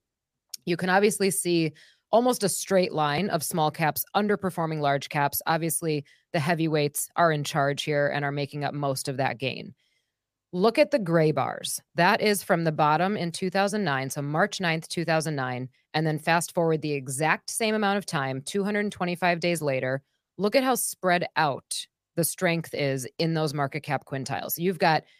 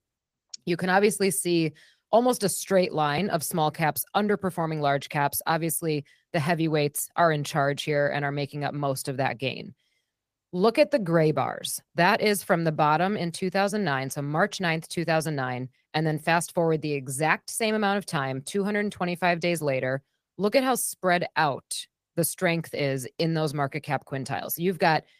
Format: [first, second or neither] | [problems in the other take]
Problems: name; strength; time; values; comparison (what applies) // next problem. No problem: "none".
first | garbled, watery; slightly; nothing above 15 kHz